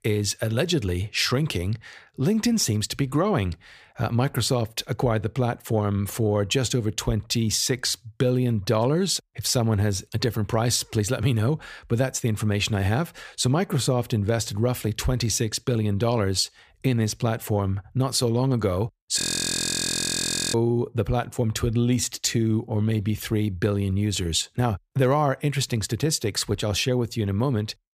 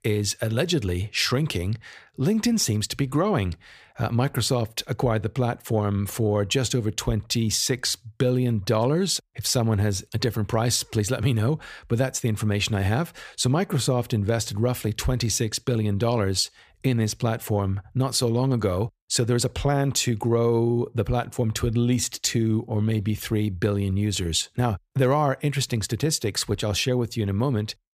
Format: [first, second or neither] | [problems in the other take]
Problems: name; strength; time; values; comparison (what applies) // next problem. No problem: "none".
second | audio freezing; at 19 s for 1.5 s